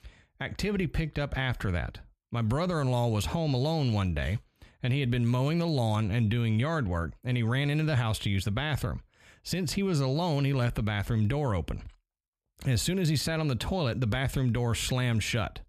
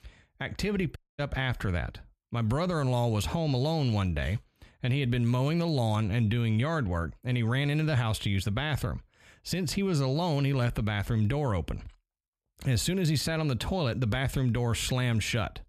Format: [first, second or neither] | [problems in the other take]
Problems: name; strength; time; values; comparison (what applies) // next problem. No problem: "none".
first | audio cutting out; at 1 s